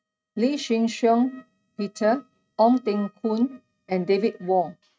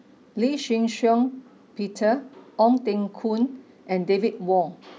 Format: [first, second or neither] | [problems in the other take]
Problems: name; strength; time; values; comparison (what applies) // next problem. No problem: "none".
second | noise reduction (neural mask model RNNoise)